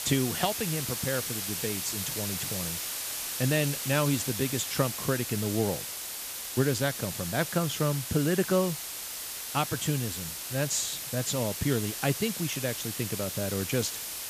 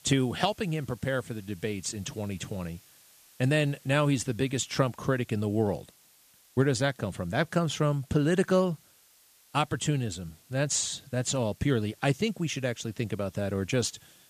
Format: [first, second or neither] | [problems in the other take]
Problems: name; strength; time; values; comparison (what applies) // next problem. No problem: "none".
second | hiss; loud; throughout; 3 dB below the speech; faint in the second